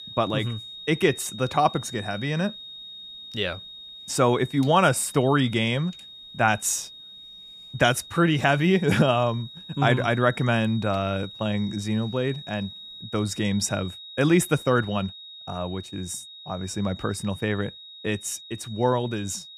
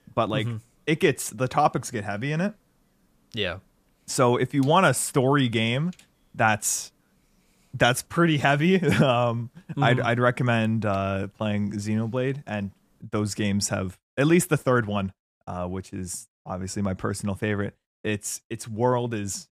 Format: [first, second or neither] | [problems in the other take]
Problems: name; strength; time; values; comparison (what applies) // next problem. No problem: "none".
second | high-pitched whine; noticeable; throughout; 3.5 kHz, 15 dB below the speech